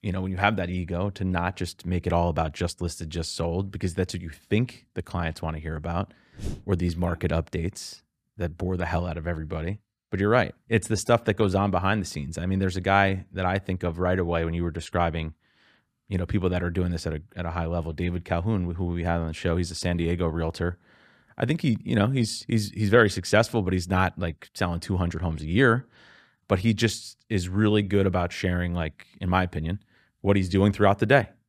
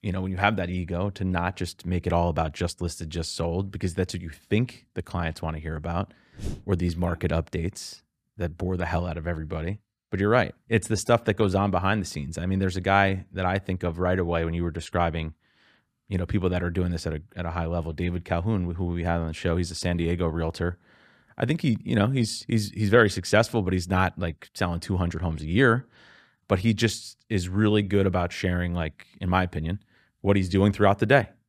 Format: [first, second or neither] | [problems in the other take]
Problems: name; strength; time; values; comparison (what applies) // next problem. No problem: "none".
neither | none